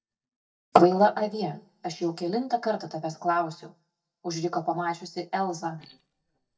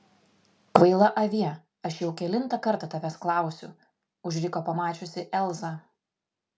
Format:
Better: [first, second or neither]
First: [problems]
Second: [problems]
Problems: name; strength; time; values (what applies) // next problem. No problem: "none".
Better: second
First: noise reduction (neural mask model DeepFilterNet 3)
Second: none